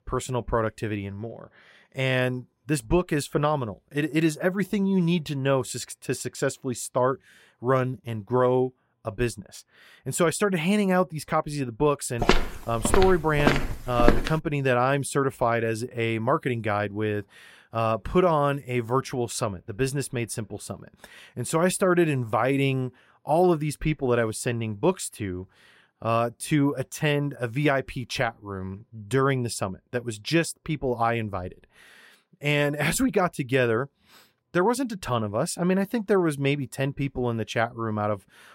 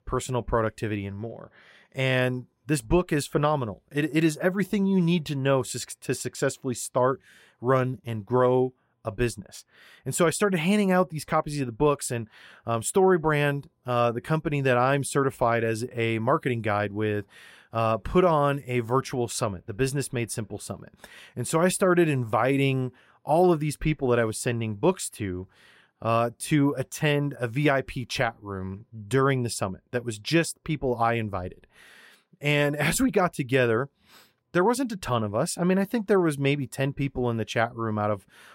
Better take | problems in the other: second | footsteps; loud; from 12 to 14 s; peak 2 dB above the speech

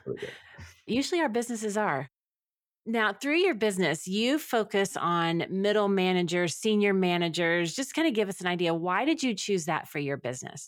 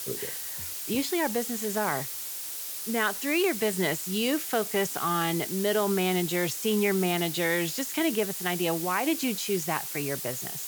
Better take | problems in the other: first | hiss; loud; throughout; 5 dB below the speech

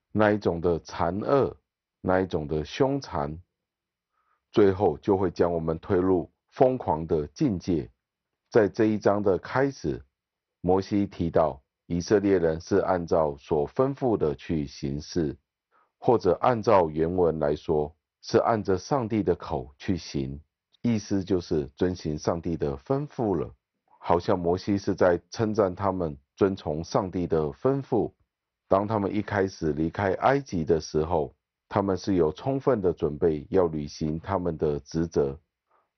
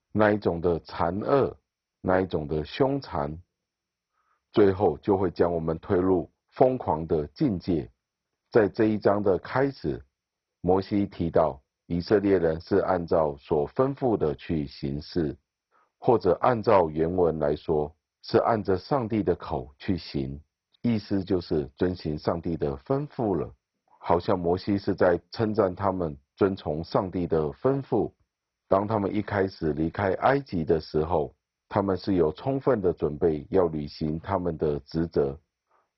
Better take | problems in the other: first | garbled, watery; badly; nothing above 5.5 kHz; slightly in the first

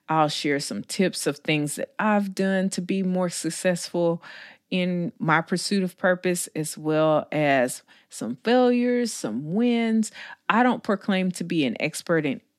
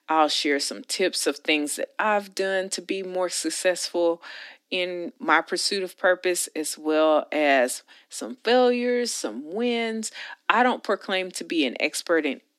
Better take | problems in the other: first | thin; somewhat; fading below 250 Hz

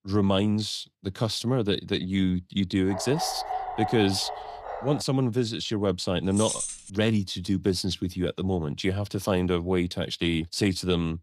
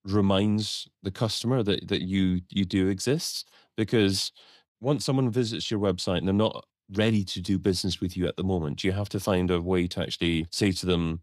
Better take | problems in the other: second | dog barking; noticeable; from 3 to 5 s; peak 4 dB below the speech // jangling keys; noticeable; at 6.5 s; peak 2 dB below the speech

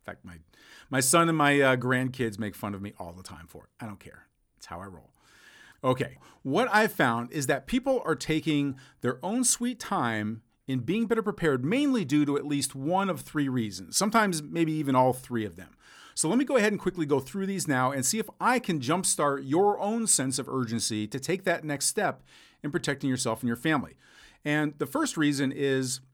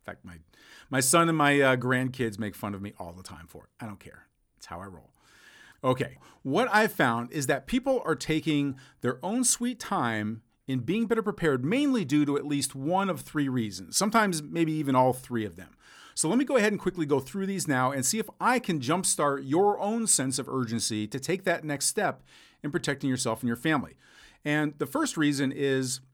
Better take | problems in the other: neither | none

